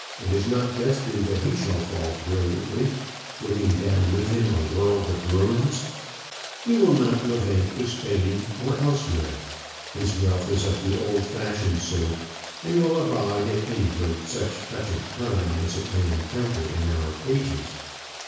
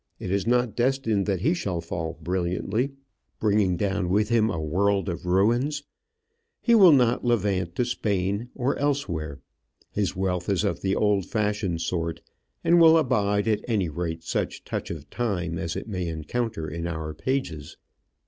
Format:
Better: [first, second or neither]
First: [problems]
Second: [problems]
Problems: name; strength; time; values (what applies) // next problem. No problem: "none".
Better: second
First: background sound (Rain); 13 dB below the speech // room echo; dies away in 1.1 s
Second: none